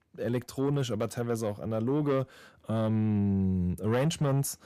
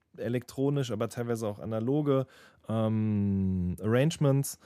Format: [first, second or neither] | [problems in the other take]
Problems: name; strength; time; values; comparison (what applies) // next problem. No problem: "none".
second | distortion; slight; 10 dB below the speech